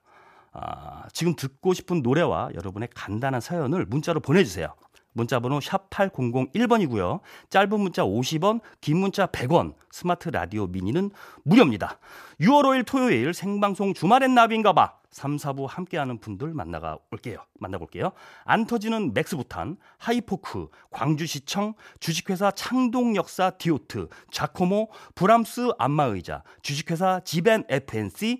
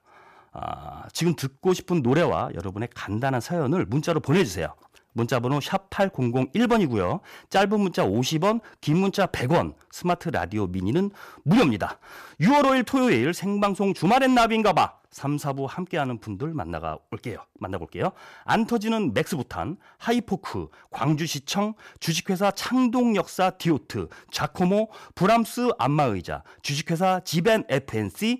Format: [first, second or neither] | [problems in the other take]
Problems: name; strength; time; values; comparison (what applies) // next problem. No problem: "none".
first | distortion; slight; 3% of the sound clipped